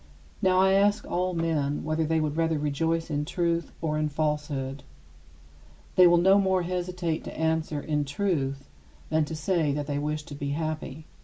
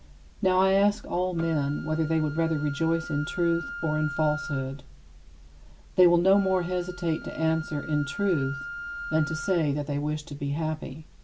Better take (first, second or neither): first